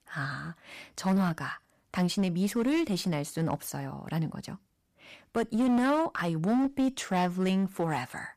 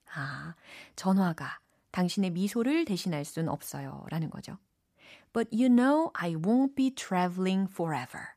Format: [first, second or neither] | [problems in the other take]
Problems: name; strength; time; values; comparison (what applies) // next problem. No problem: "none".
second | distortion; slight; 11% of the sound clipped